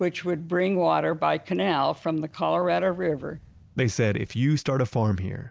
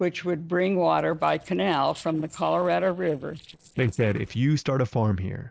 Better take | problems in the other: first | noise reduction (neural separator model SepFormer DNS4)

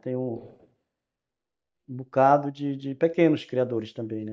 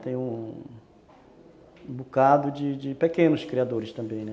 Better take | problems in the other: second | noise reduction (neural mask model DeepFilterNet 3)

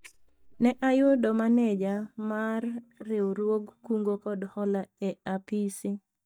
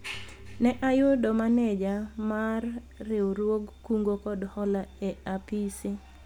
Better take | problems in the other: second | noise reduction (neural mask model DeepFilterNet 3)

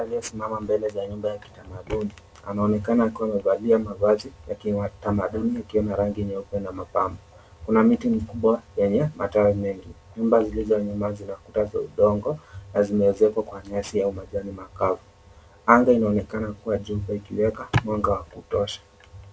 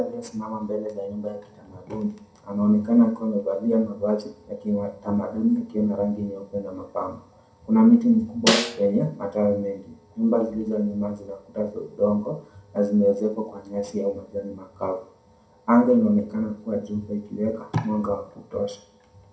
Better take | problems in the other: first | background sound (Snare drum); 2 dB below the speech // room echo; dies away in 0.4 s

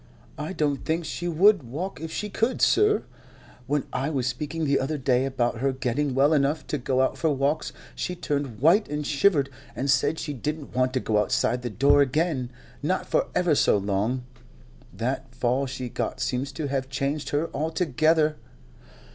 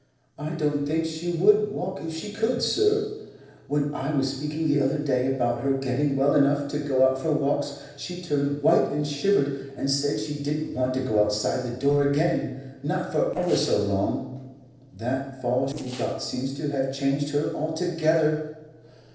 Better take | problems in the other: first | noise reduction (neural separator model SepFormer DNS4)

